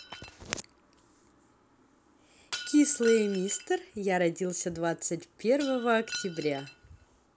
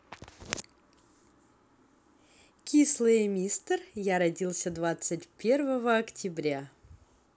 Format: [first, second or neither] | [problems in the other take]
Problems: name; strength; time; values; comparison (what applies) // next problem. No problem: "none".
second | background sound (Shatter); 15 dB below the speech